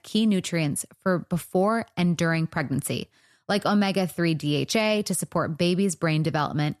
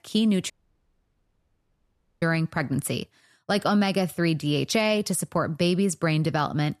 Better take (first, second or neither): first